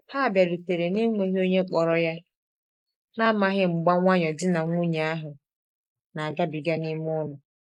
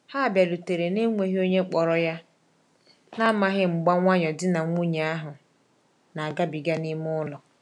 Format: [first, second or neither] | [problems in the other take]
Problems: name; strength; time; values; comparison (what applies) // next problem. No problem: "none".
second | noise reduction (neural mask model Resemble Enhance denoiser)